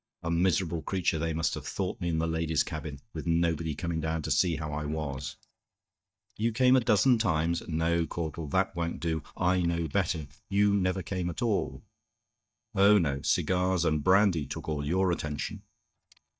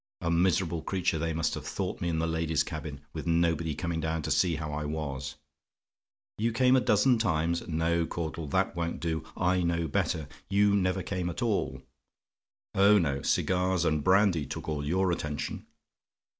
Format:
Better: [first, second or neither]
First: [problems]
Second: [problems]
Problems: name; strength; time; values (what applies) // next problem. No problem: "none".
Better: second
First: noise reduction (neural mask model DeepFilterNet 3)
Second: none